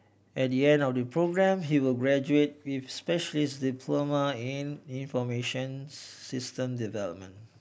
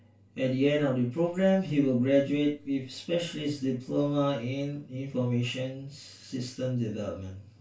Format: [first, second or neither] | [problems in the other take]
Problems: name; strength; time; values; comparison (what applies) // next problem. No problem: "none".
first | room echo; dies away in 0.2 s